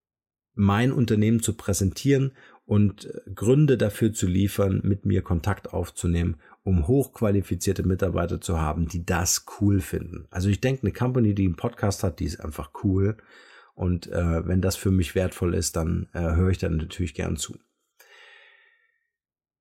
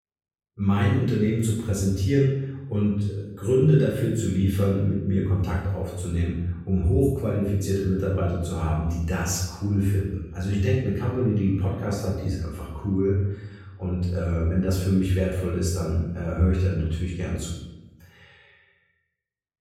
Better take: first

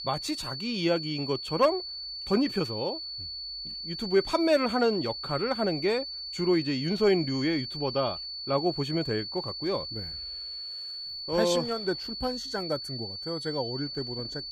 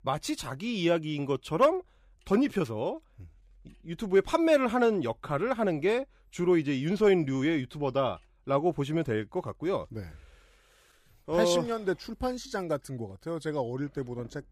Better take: second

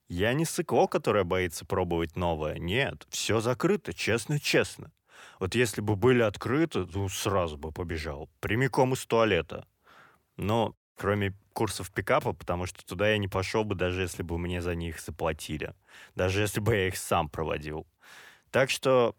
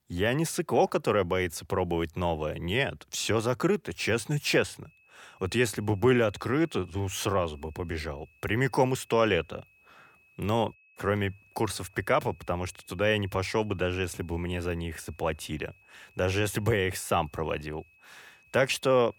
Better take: first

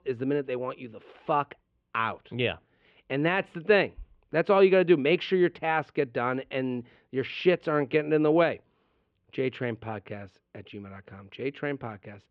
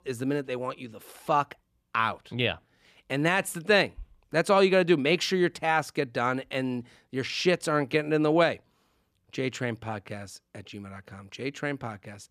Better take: second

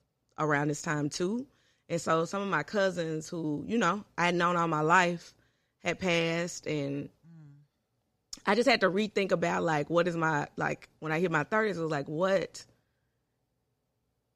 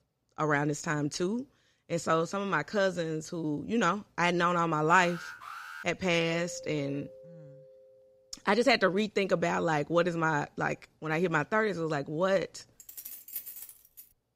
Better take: first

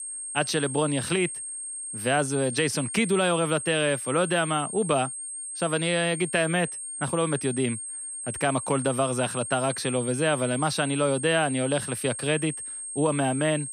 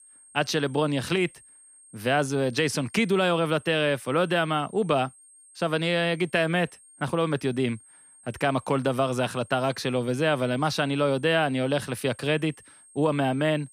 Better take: second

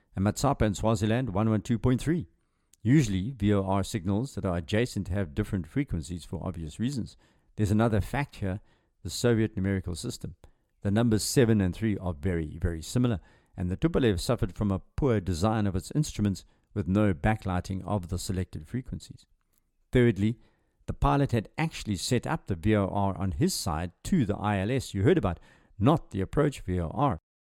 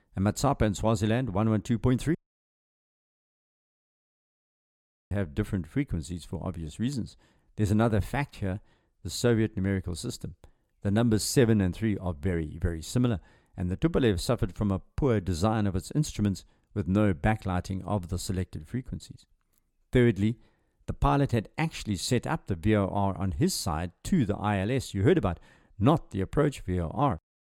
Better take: first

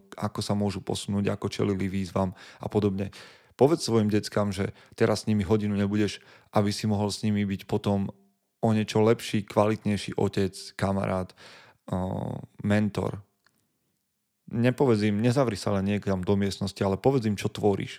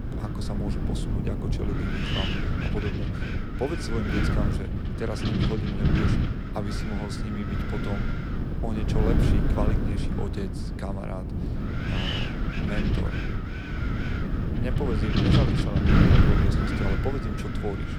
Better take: first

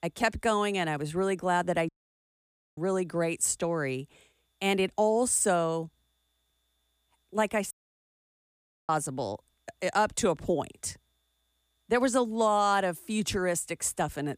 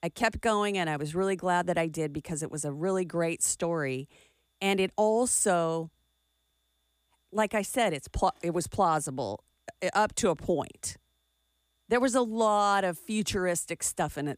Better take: second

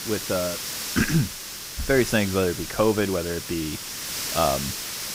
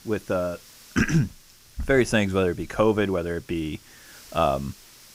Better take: second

